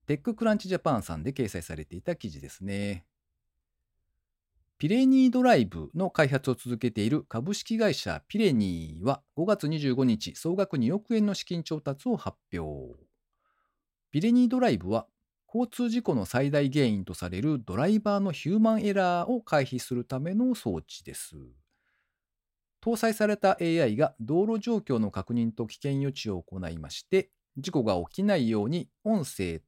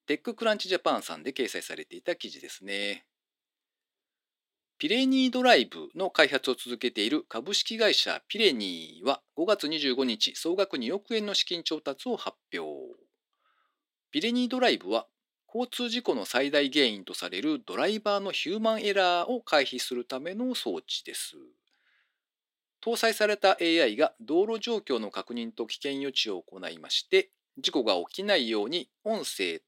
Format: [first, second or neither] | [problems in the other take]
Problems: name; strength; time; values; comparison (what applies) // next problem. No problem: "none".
first | thin; somewhat; fading below 300 Hz